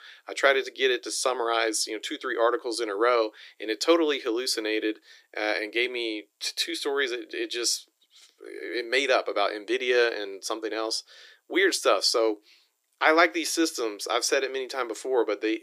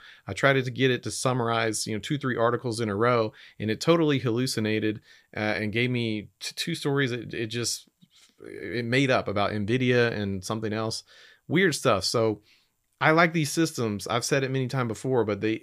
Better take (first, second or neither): second